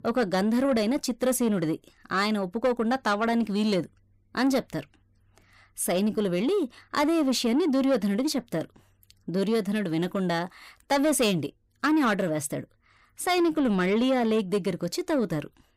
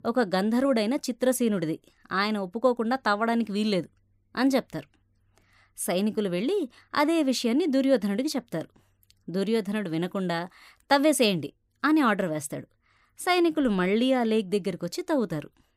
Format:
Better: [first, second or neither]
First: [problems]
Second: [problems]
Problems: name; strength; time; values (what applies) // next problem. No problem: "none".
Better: second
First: distortion; slight; 10 dB below the speech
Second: none